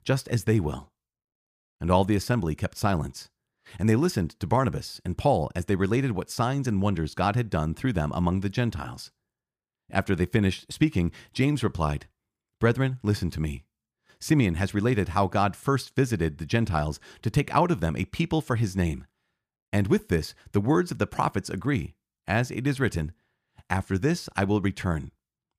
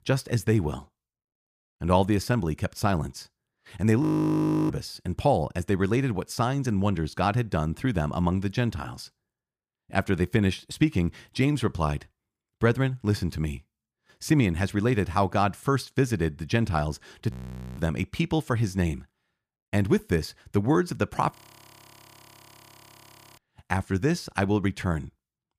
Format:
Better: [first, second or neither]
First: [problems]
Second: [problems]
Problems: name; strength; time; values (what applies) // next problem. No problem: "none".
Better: first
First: none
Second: audio freezing; at 4 s for 0.5 s, at 17 s and at 21 s for 2 s